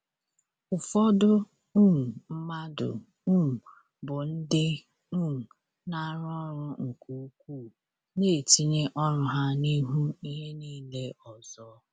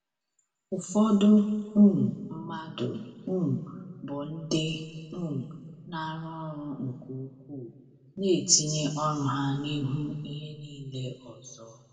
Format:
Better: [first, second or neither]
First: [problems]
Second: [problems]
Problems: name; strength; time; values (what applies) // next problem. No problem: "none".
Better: first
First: none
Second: room echo; dies away in 1.6 s